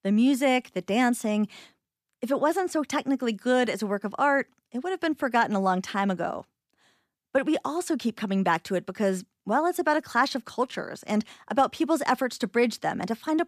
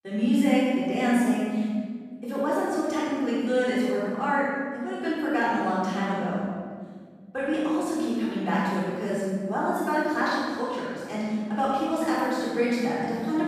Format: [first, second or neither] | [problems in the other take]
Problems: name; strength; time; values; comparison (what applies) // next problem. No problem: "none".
first | room echo; strong; dies away in 1.8 s // off-mic speech; far